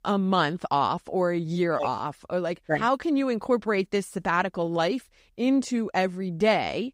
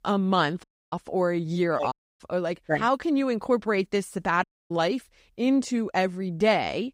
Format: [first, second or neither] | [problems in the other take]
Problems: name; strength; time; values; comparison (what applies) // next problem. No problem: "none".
first | audio cutting out; at 0.5 s, at 2 s and at 4.5 s